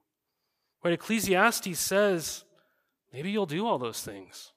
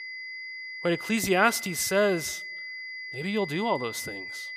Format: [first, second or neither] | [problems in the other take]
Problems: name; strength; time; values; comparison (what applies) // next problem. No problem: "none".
first | high-pitched whine; loud; throughout; 2 kHz, 9 dB below the speech